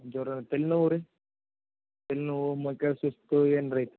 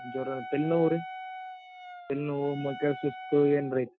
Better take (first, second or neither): first